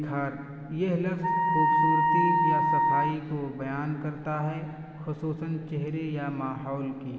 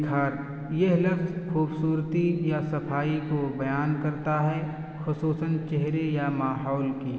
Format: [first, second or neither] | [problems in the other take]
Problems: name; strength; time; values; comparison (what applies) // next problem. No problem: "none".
second | background sound (Wind instrument, woodwind instrument); 5 dB above the speech